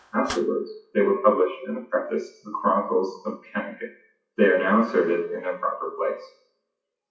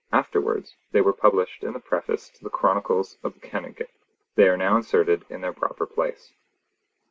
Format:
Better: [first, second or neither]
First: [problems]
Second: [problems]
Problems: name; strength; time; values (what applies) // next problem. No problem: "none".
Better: second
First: noise reduction (classical method WPE with log-MMSE)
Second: none